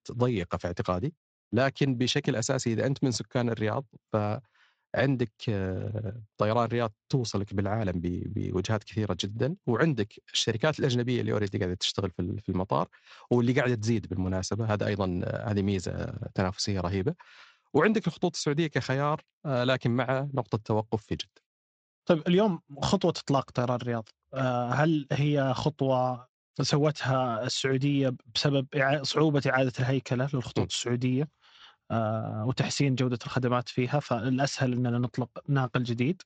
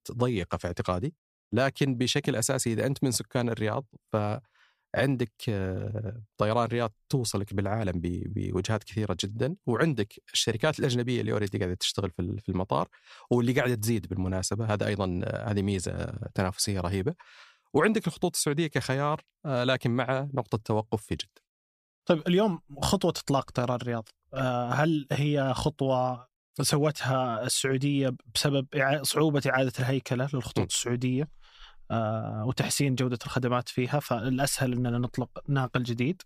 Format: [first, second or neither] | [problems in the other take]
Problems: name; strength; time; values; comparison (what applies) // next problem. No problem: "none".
second | garbled, watery; slightly; nothing above 7.5 kHz